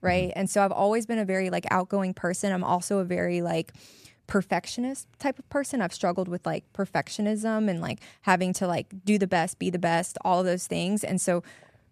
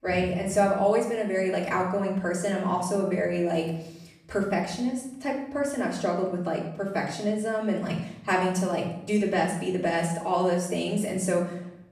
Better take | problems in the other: first | off-mic speech; far // room echo; noticeable; dies away in 0.7 s

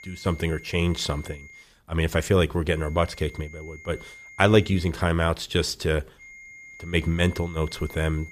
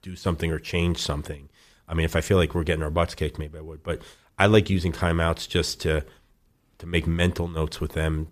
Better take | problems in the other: second | high-pitched whine; noticeable; until 1.5 s, from 2.5 to 5 s and from 6 s on; 2 kHz, 20 dB below the speech

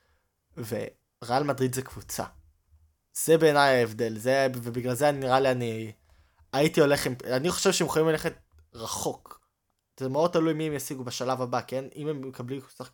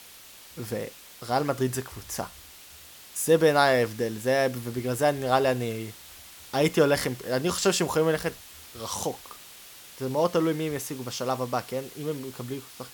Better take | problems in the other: first | hiss; noticeable; throughout; 20 dB below the speech

